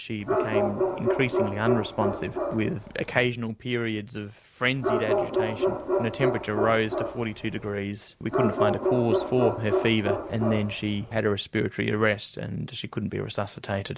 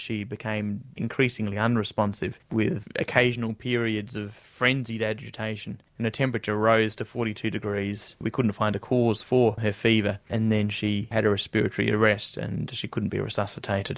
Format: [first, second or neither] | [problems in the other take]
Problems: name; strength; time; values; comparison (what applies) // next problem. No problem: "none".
second | background sound (Bark); as loud as the speech